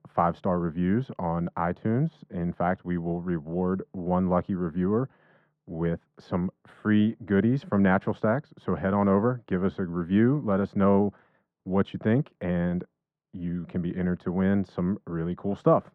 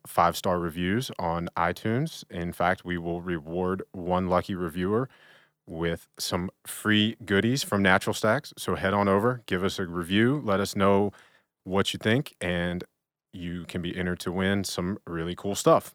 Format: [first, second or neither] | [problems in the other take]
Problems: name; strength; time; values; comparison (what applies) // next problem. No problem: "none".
second | muffled; very; fading above 1.5 kHz